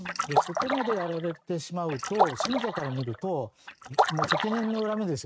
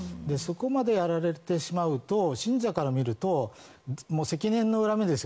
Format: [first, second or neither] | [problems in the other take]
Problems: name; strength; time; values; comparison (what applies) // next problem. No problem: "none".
second | noise reduction (neural mask model RNNoise)